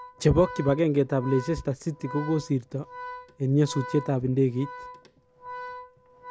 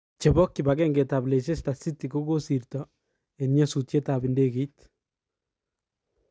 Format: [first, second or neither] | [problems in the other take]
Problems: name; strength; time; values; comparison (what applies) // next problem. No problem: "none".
second | background sound (Organ); 15 dB below the speech